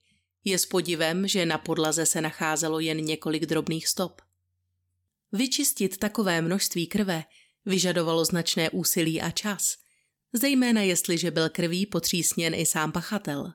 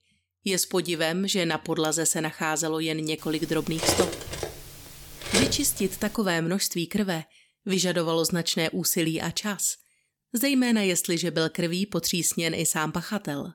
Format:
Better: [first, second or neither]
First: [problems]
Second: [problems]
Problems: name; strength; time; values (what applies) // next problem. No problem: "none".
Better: first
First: none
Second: clattering dishes; loud; from 4 to 5.5 s; peak 1 dB above the speech